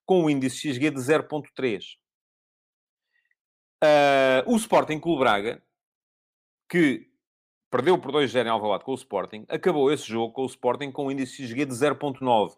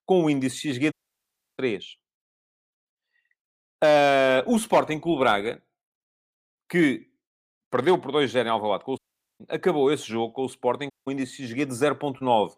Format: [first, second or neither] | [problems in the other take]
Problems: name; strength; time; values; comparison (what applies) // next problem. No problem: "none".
first | audio cutting out; at 1 s for 0.5 s, at 9 s and at 11 s